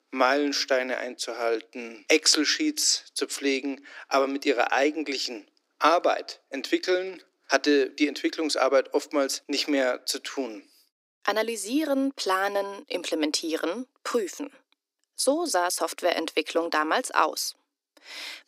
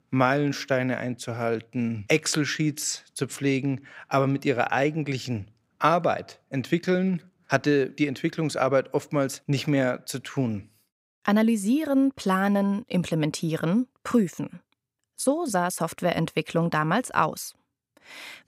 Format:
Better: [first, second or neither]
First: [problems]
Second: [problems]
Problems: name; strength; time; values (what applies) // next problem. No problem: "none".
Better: second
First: thin; somewhat; fading below 300 Hz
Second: none